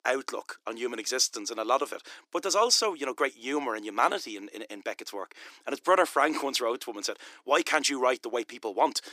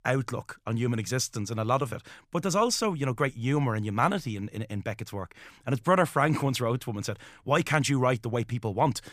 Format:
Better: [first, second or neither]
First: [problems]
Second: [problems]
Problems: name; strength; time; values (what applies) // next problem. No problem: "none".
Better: second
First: thin; somewhat; fading below 300 Hz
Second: none